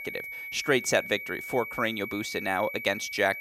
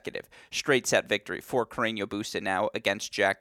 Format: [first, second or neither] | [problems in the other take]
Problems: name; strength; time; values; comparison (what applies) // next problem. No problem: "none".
second | high-pitched whine; loud; throughout; 2.5 kHz, 8 dB below the speech